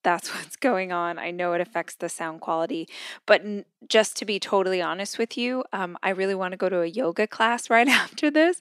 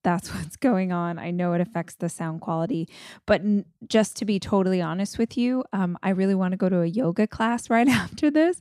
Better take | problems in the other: second | thin; somewhat; fading below 350 Hz

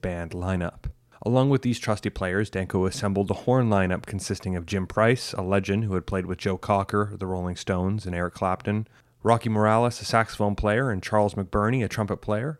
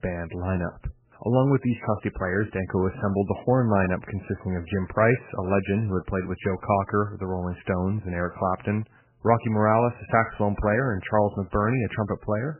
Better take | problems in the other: first | garbled, watery; badly; nothing above 2.5 kHz

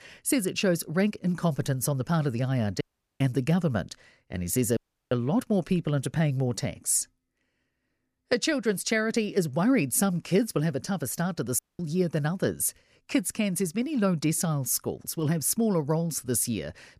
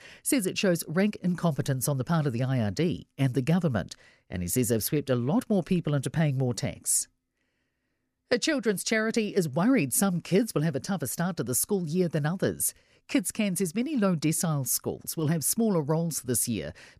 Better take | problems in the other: second | audio cutting out; at 3 s, at 5 s and at 12 s

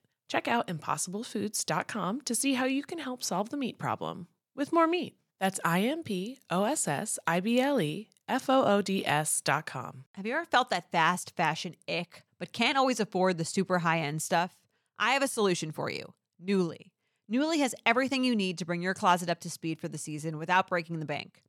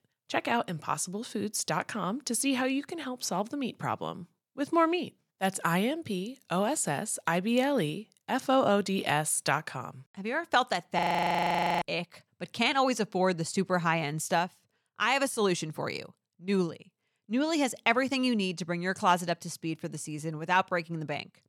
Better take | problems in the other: first | audio freezing; at 11 s for 1 s

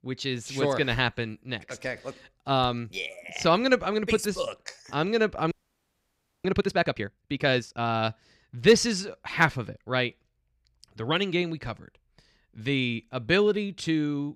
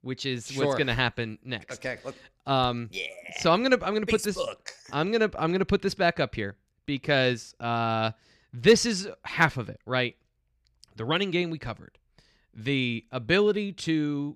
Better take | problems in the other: second | audio freezing; at 5.5 s for 1 s

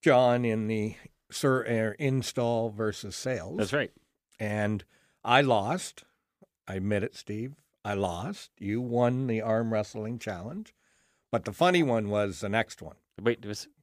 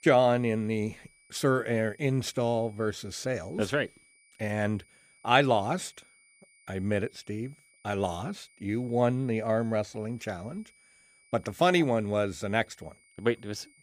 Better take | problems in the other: first | high-pitched whine; faint; throughout; 2.5 kHz, 30 dB below the speech

